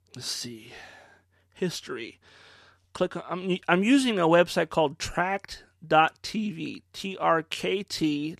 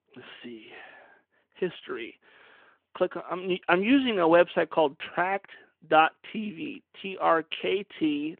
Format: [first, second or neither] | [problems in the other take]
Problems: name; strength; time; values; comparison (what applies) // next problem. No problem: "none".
first | phone-call audio